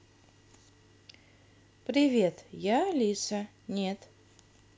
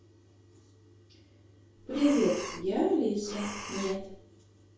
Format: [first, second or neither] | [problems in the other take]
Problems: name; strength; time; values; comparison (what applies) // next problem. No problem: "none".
first | background sound (Breathing); 10 dB below the speech // room echo; dies away in 0.6 s